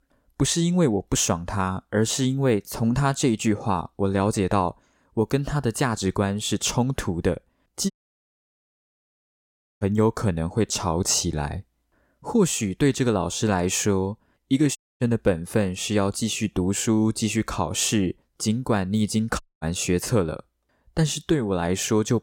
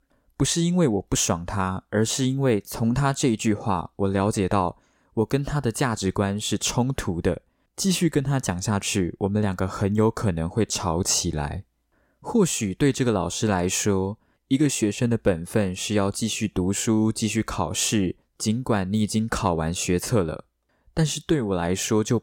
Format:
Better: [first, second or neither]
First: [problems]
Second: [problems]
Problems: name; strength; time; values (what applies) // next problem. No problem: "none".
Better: second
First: audio cutting out; at 8 s for 2 s, at 15 s and at 19 s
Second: none